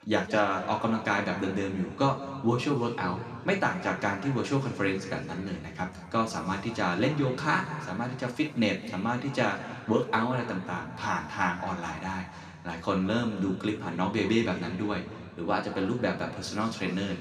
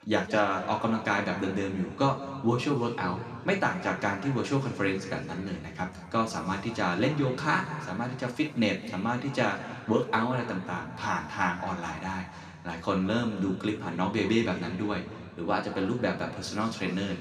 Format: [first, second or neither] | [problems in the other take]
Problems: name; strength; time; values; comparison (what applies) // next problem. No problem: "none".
neither | room echo; noticeable; dies away in 2.2 s; the same in both // off-mic speech; somewhat distant; the same in both